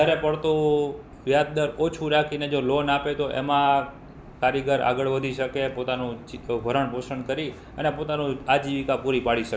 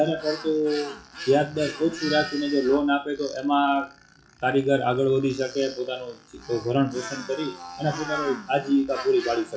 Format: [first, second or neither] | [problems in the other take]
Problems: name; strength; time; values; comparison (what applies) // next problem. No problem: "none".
first | noise reduction (classical method WPE with log-MMSE)